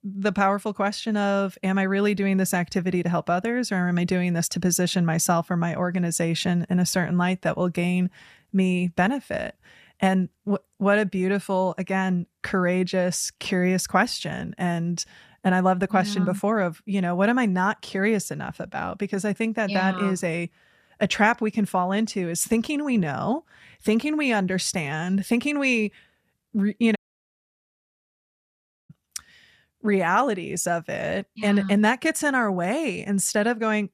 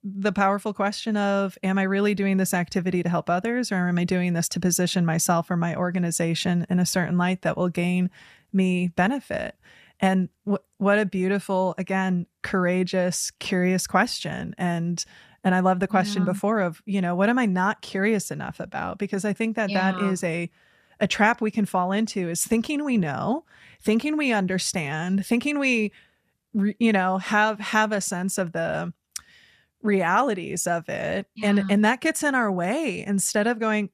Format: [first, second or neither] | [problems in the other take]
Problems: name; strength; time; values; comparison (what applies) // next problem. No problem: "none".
second | audio cutting out; at 27 s for 2 s